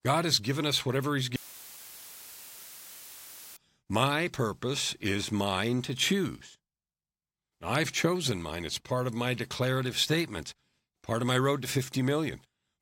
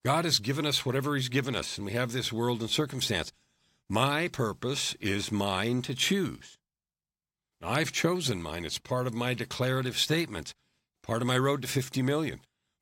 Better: second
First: audio cutting out; filled with static; at 1.5 s for 2 s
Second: none

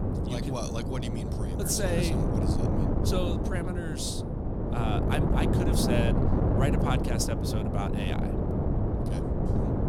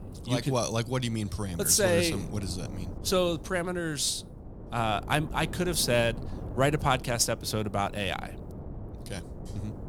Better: second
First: wind noise on the microphone; heavy; as loud as the speech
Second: wind noise on the microphone; occasional gusts; 20 dB below the speech

